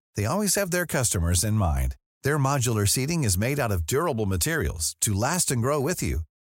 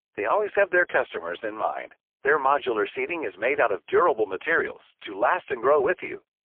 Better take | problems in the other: first | phone-call audio; poor line; nothing above 3.5 kHz

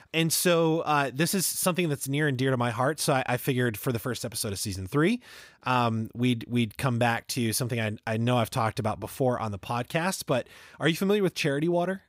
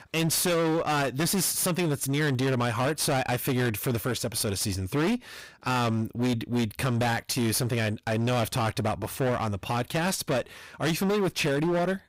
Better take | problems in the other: first | distortion; heavy; 26% of the sound clipped

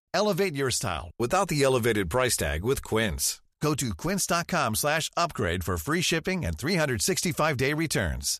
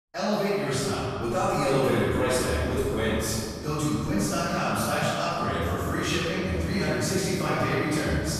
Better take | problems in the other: first | room echo; strong; dies away in 2.8 s // off-mic speech; far

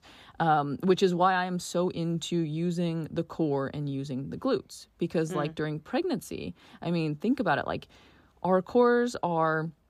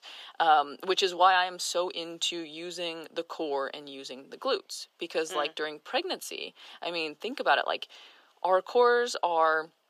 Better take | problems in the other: first | thin; very; fading below 500 Hz

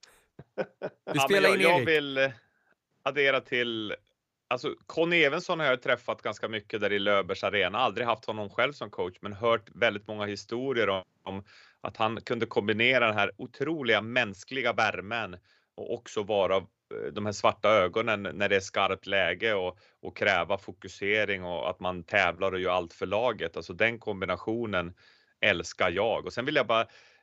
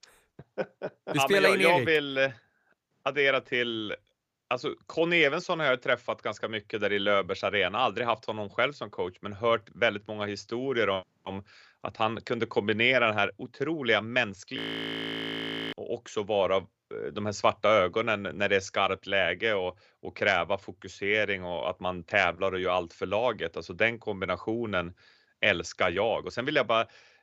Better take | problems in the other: first | audio freezing; at 15 s for 1 s

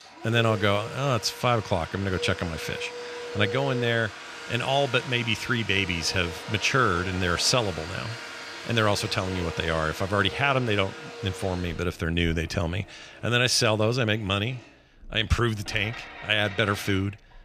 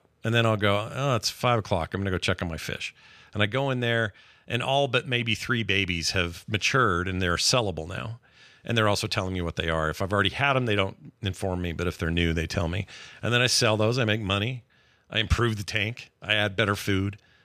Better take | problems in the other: second | household noises; noticeable; throughout; 10 dB below the speech

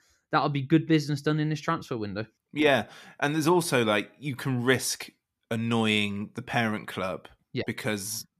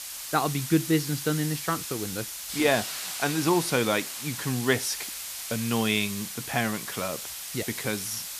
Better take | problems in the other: first | hiss; loud; throughout; 5 dB below the speech

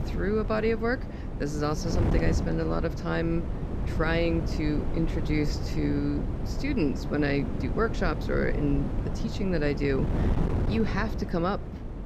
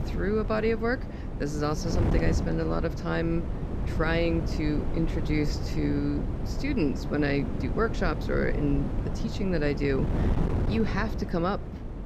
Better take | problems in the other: neither | wind noise on the microphone; heavy; 8 dB below the speech; the same in both

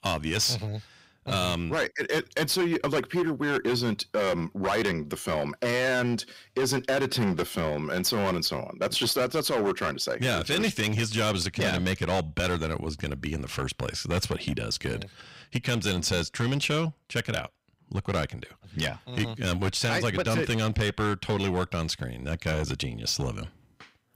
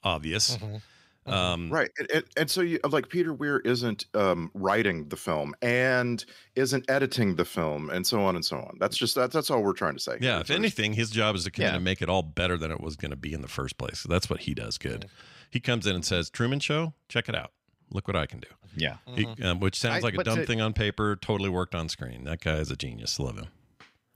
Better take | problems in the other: second | distortion; heavy; 11% of the sound clipped

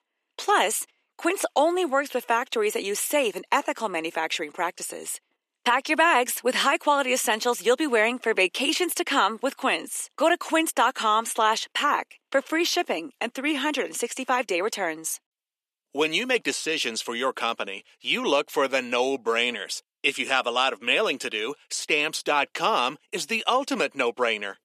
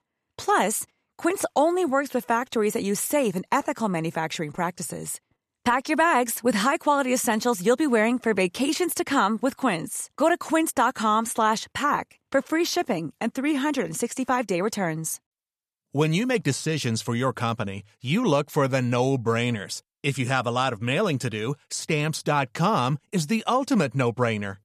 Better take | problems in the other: second | thin; somewhat; fading below 300 Hz

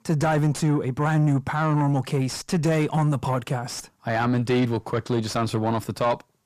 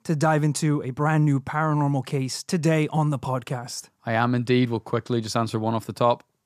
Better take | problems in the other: second | distortion; slight; 10 dB below the speech

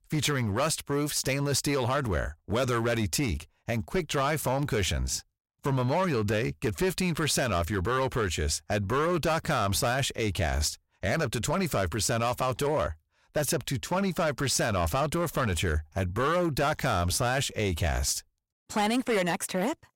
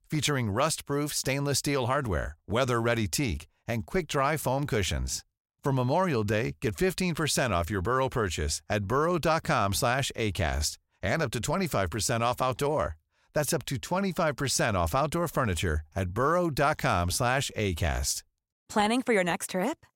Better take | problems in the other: second | distortion; slight; 9% of the sound clipped

